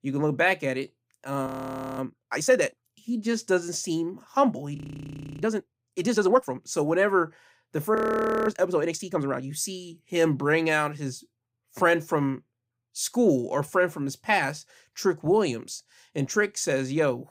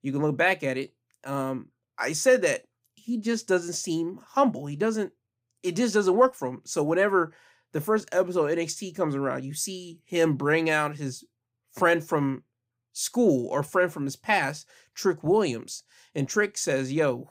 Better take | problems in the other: second | audio freezing; at 1.5 s for 0.5 s, at 5 s for 0.5 s and at 8 s for 0.5 s

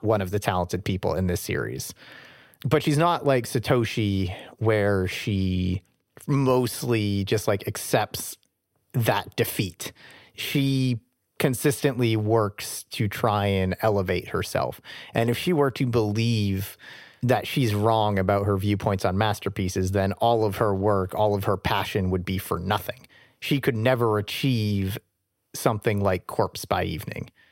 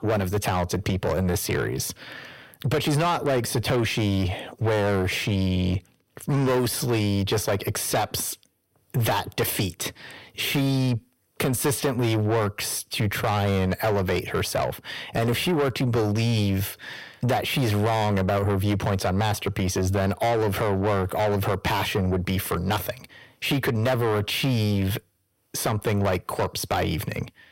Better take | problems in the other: first | distortion; heavy; 7 dB below the speech

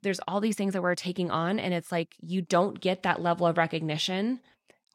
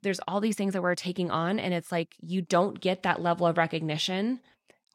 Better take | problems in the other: neither | none

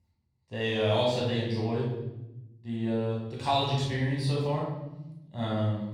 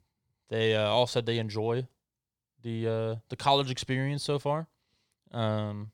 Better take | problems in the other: second | off-mic speech; far // room echo; noticeable; dies away in 1.3 s

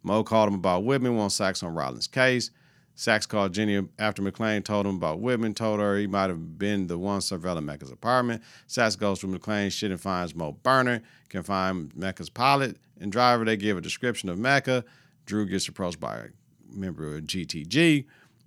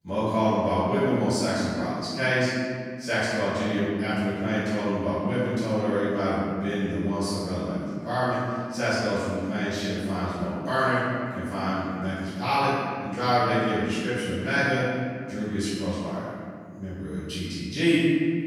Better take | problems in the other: first | off-mic speech; far // room echo; strong; dies away in 2 s

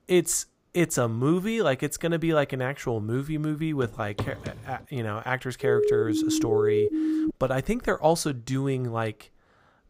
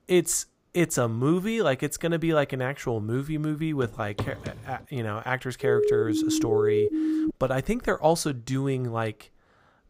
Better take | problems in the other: neither | footsteps; noticeable; at 4 s; peak 7 dB below the speech; the same in both // siren; loud; from 5.5 to 7.5 s; peak 4 dB above the speech; the same in both

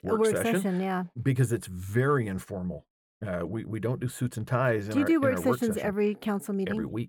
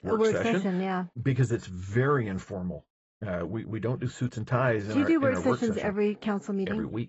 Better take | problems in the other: first | garbled, watery; badly; nothing above 7.5 kHz

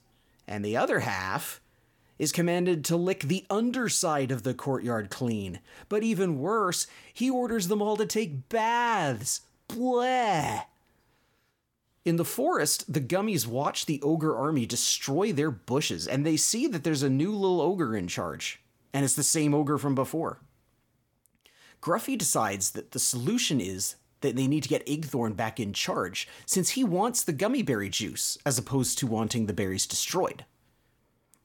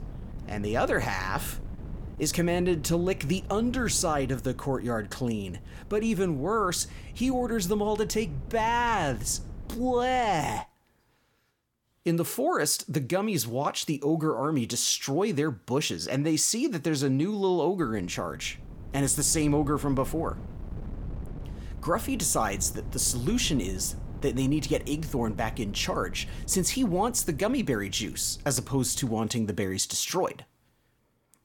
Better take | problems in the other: first | wind noise on the microphone; occasional gusts; until 11 s and from 18 to 29 s; 20 dB below the speech

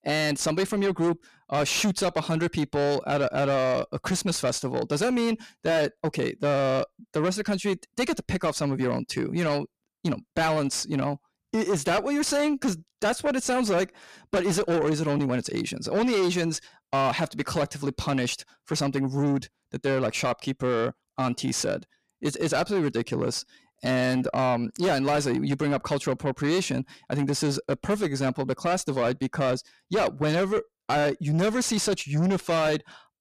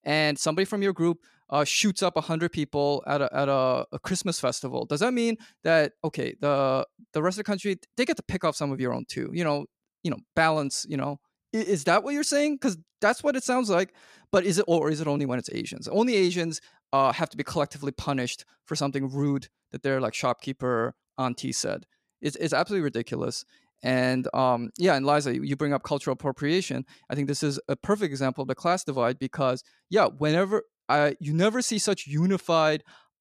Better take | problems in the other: second | distortion; heavy; 8 dB below the speech

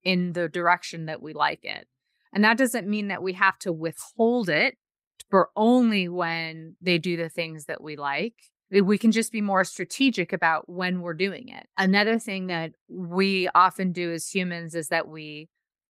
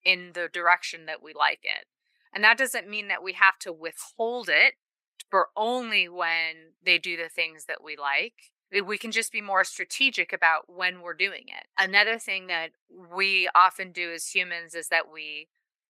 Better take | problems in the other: first | thin; very; fading below 600 Hz

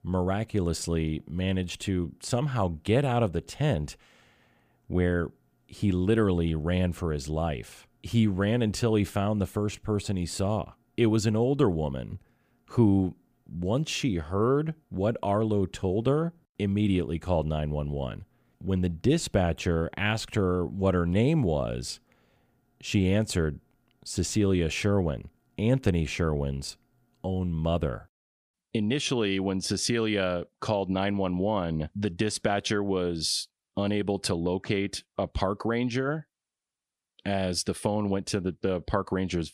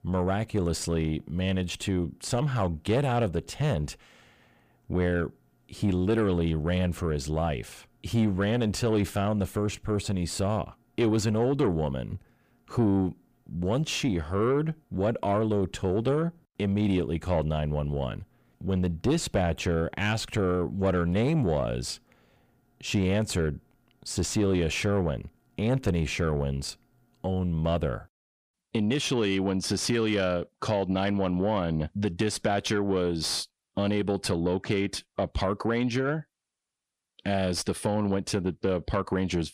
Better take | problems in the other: first | distortion; slight; 10 dB below the speech

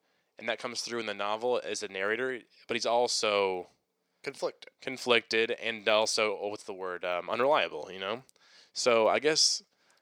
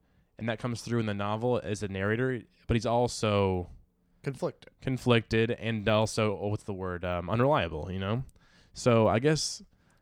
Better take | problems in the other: second | thin; somewhat; fading below 450 Hz

